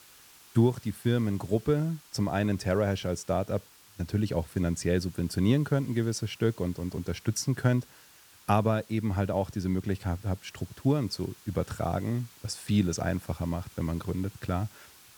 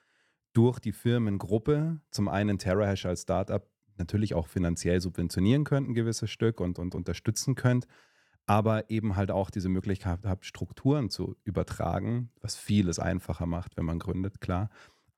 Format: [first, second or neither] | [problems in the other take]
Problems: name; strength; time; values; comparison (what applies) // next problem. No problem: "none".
second | hiss; faint; throughout; 25 dB below the speech